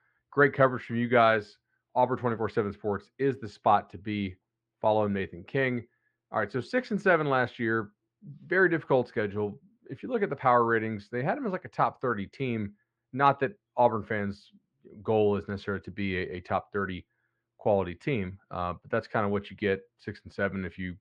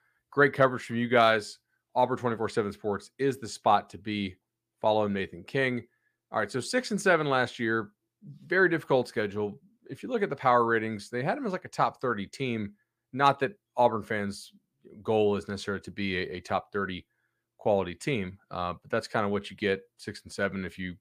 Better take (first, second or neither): second